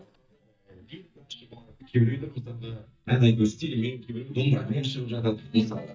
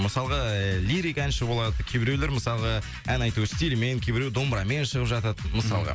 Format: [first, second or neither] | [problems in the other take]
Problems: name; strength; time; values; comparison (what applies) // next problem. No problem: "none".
second | noise reduction (neural mask model DeepFilterNet 3)